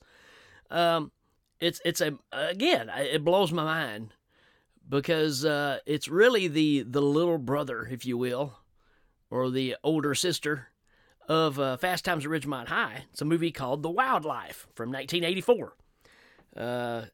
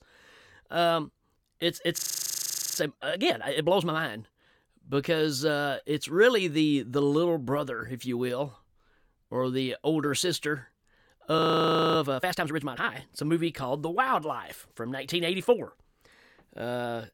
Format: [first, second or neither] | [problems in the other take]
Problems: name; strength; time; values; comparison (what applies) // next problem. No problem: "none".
first | audio freezing; at 2 s for 1 s and at 11 s for 0.5 s